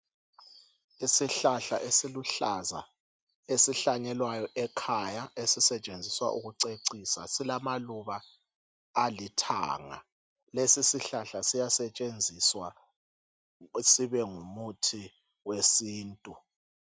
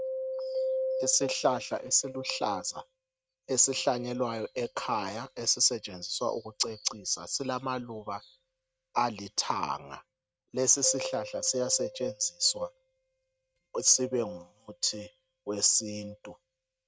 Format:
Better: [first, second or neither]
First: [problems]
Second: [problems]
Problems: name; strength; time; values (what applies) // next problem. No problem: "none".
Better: first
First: none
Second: noise reduction (neural mask model RNNoise)